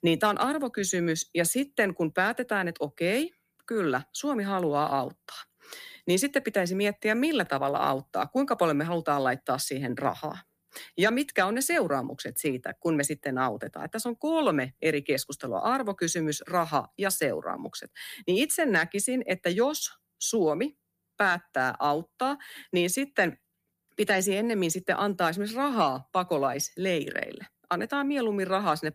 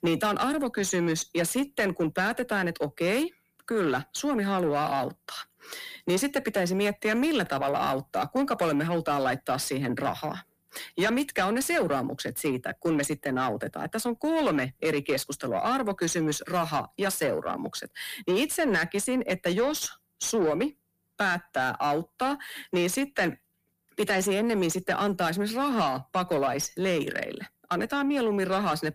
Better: first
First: none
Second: distortion; slight; 10 dB below the speech

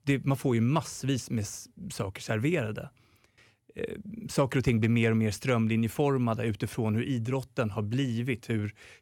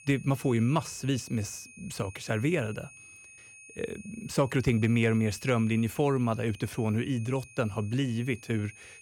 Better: first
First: none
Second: high-pitched whine; faint; throughout; 2.5 kHz, 20 dB below the speech

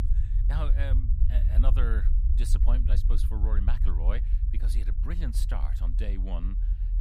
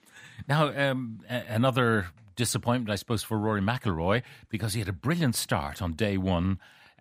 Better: second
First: low rumble; loud; throughout; 6 dB below the speech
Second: none

